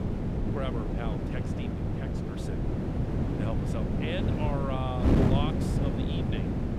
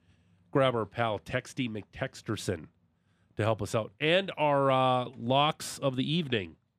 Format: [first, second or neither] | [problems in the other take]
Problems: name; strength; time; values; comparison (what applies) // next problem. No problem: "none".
second | wind noise on the microphone; heavy; 3 dB above the speech